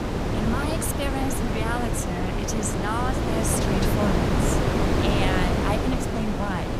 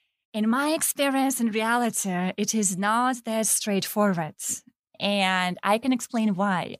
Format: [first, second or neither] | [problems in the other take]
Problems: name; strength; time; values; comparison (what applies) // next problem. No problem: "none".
second | wind noise on the microphone; heavy; 2 dB above the speech